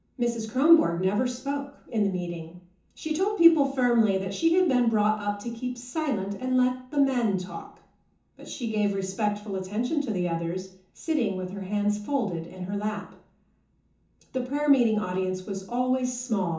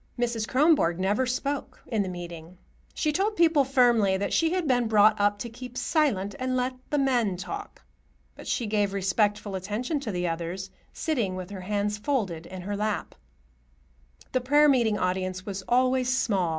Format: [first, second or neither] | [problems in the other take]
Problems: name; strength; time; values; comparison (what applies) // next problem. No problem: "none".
second | room echo; dies away in 0.6 s